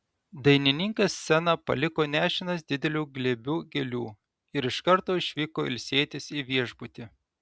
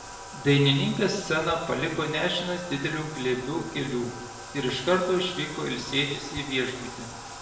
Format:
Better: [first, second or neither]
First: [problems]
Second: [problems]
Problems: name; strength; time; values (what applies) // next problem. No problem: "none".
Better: first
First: none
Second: background sound (Bathtub (filling or washing)); 13 dB below the speech // room echo; dies away in 0.9 s